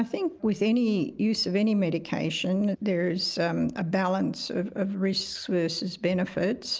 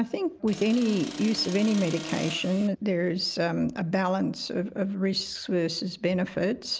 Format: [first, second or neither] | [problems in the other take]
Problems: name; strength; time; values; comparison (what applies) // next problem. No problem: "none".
first | background sound (Accelerating, revving, vroom); 11 dB below the speech